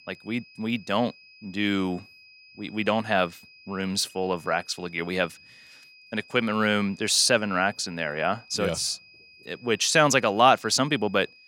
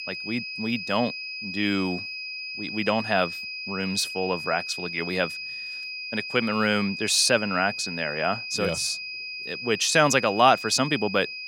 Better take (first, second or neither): first